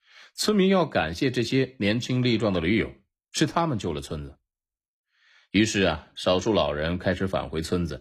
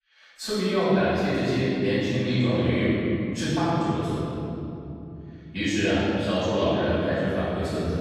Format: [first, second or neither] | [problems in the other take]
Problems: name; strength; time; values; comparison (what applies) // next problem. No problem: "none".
first | off-mic speech; far // room echo; strong; dies away in 3 s